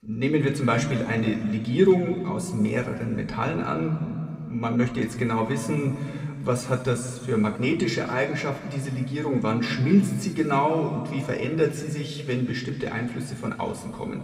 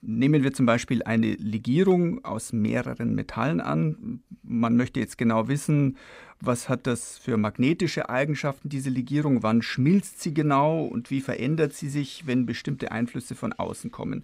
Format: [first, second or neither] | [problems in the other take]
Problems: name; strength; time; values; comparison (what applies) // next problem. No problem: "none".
second | room echo; slight; dies away in 2.1 s